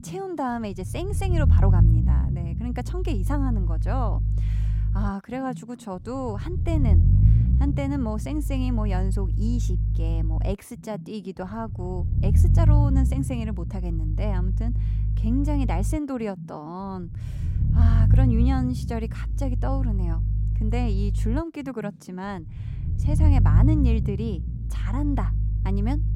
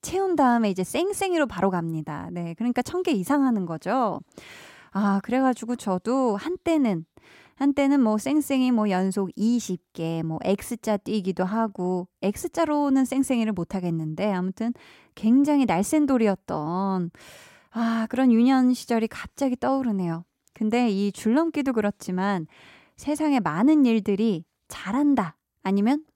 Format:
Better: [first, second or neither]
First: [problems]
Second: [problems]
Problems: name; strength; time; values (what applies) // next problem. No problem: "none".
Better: second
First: low rumble; loud; throughout; 6 dB below the speech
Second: none